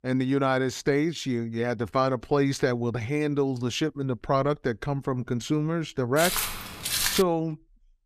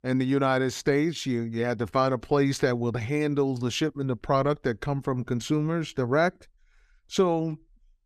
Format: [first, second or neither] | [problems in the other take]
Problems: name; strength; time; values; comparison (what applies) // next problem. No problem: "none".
second | footsteps; loud; from 6 to 7 s; peak 2 dB above the speech